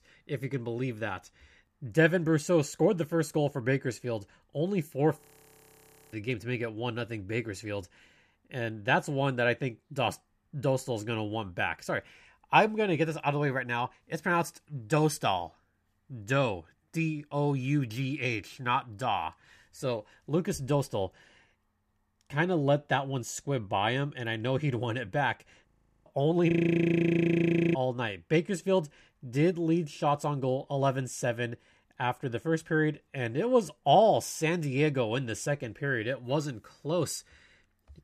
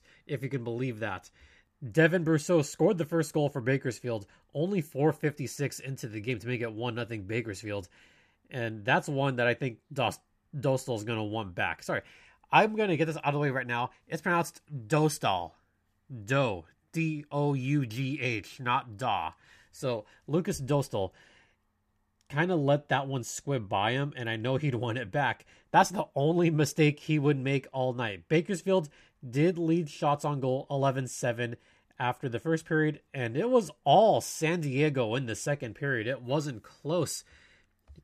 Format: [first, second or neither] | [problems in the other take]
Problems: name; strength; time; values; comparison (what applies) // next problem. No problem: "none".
second | audio freezing; at 5 s for 1 s, at 26 s and at 27 s for 1 s